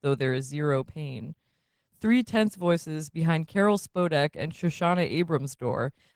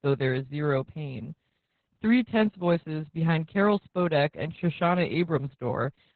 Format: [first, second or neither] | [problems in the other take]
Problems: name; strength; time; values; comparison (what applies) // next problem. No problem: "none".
first | garbled, watery; badly; nothing above 4 kHz; slightly in the first